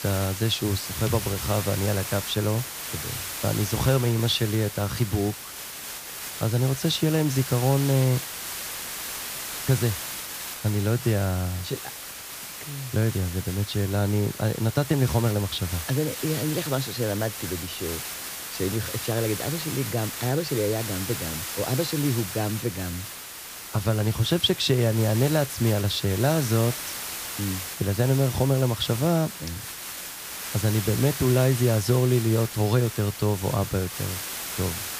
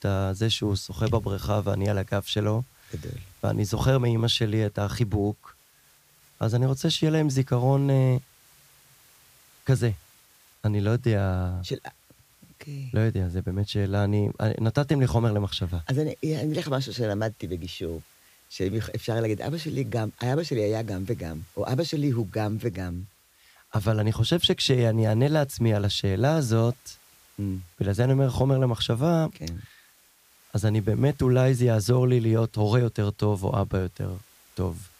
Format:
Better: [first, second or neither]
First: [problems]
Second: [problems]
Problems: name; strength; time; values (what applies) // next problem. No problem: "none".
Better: second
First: hiss; loud; throughout; 7 dB below the speech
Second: hiss; faint; throughout; 30 dB below the speech